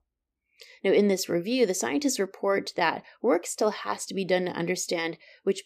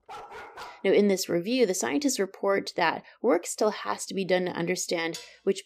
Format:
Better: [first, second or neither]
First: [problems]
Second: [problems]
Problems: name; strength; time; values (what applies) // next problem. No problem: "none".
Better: first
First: none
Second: dog barking; faint; at the start; peak 15 dB below the speech // clattering dishes; faint; at 5 s; peak 15 dB below the speech